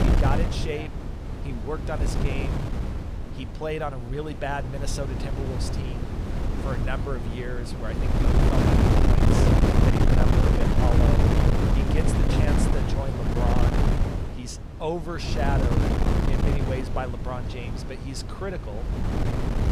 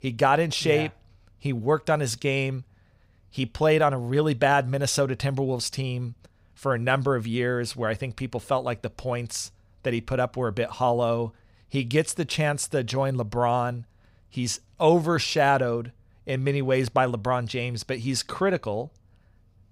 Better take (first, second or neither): second